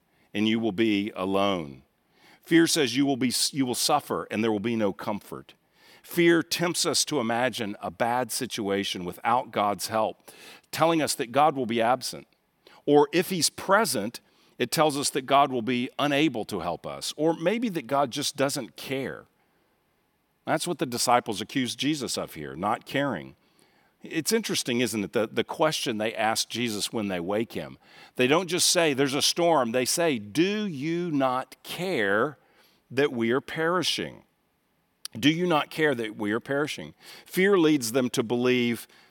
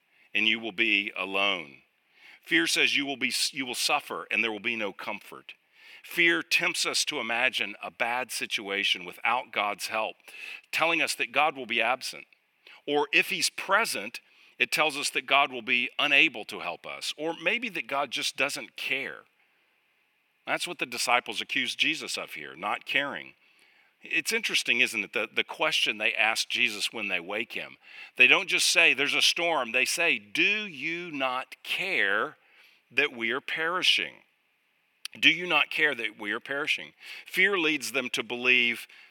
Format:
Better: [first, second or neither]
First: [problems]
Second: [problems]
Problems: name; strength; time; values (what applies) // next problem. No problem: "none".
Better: first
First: none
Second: thin; somewhat; fading below 400 Hz